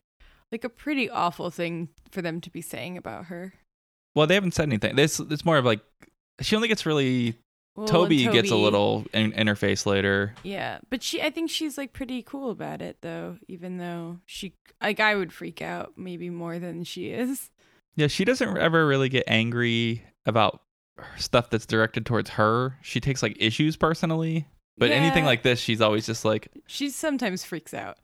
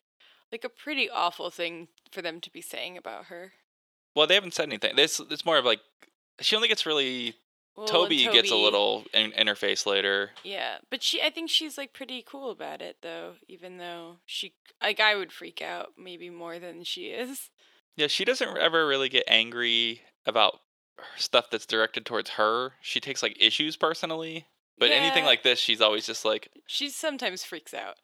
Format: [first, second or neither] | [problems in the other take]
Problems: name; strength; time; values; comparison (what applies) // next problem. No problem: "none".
first | thin; somewhat; fading below 450 Hz